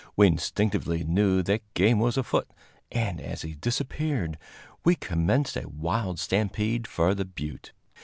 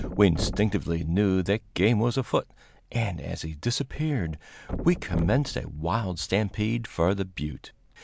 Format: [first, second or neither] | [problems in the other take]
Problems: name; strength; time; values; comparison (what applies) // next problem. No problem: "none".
first | background sound (Thump, thud); 12 dB below the speech